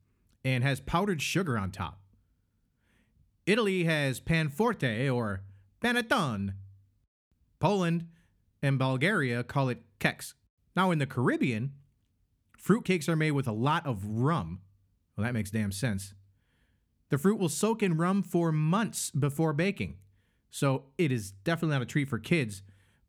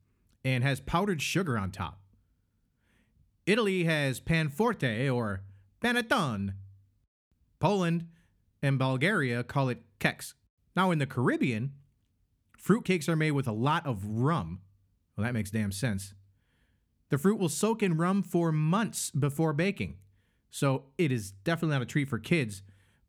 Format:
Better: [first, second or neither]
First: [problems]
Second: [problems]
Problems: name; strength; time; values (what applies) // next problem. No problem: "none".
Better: neither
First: none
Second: none